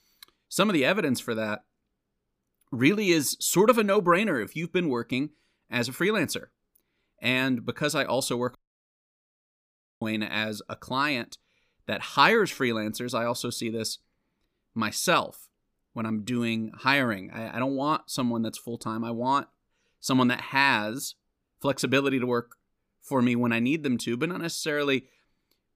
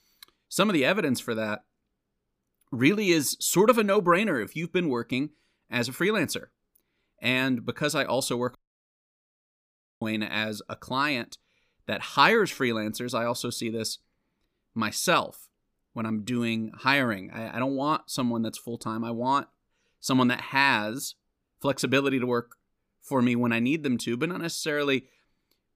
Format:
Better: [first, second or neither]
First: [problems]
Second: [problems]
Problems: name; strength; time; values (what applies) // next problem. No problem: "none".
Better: neither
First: audio cutting out; at 8.5 s for 1.5 s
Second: audio cutting out; at 8.5 s for 1.5 s